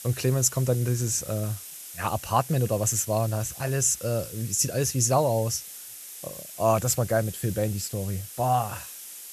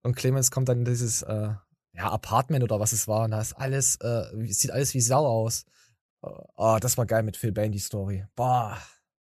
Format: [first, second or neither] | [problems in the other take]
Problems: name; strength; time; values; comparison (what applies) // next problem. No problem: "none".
second | hiss; noticeable; throughout; 15 dB below the speech